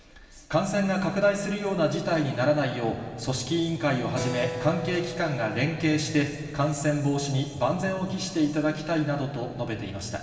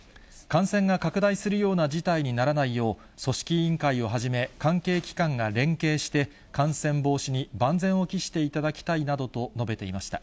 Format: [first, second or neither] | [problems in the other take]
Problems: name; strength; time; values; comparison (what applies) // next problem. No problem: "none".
second | background sound (Keyboard (musical)); 16 dB below the speech // room echo; dies away in 2.5 s